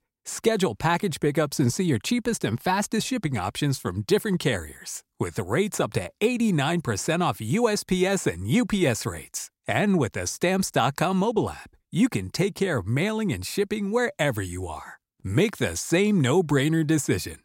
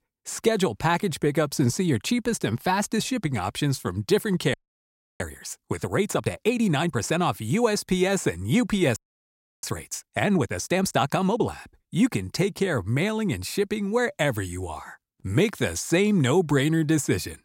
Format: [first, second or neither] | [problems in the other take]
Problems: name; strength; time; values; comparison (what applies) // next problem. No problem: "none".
first | audio freezing; at 4.5 s for 0.5 s and at 9 s for 0.5 s